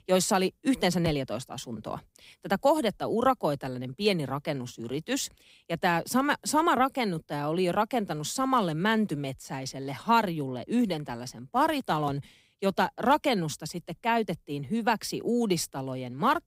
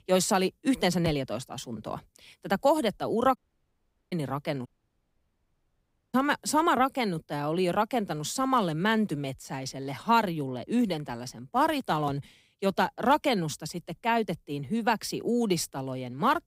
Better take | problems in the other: first | audio cutting out; at 3.5 s for 1 s and at 4.5 s for 1.5 s

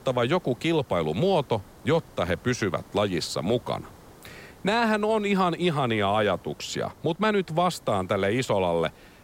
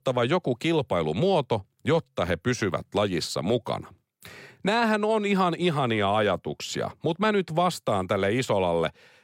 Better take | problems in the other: second | hiss; faint; throughout; 25 dB below the speech

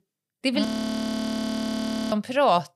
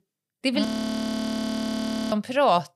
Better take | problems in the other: neither | audio freezing; at 0.5 s for 1.5 s; the same in both

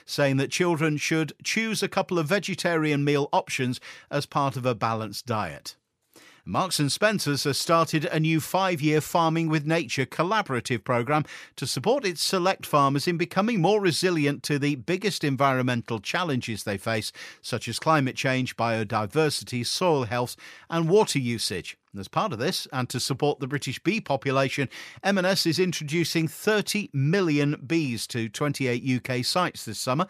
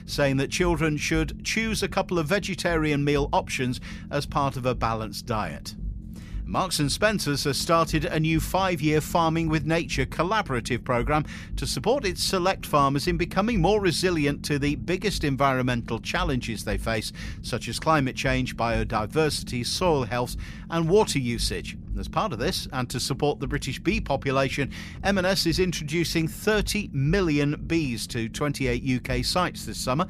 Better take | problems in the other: first | low rumble; faint; throughout; 25 dB below the speech

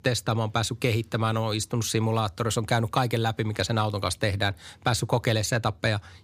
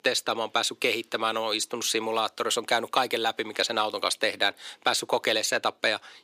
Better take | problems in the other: first | thin; very; fading below 350 Hz

